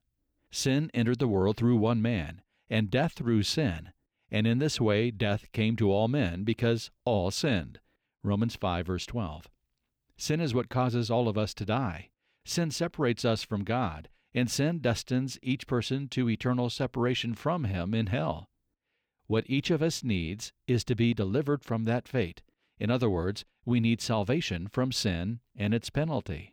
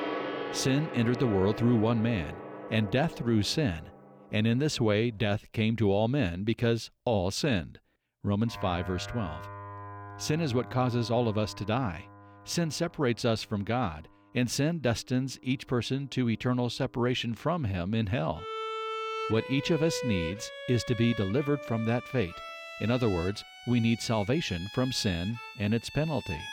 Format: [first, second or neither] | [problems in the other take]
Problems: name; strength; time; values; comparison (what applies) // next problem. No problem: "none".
first | background music; noticeable; throughout; 10 dB below the speech